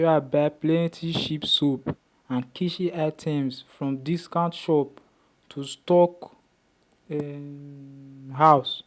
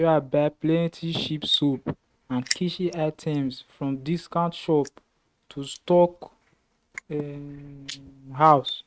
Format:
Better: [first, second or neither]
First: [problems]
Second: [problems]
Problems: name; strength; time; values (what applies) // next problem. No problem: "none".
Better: first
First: none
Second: noise reduction (neural mask model RNNoise)